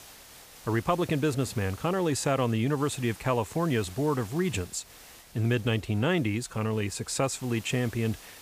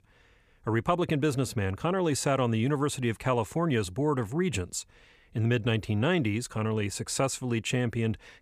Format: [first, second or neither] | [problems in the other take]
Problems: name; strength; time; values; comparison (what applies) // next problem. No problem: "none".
second | hiss; noticeable; throughout; 20 dB below the speech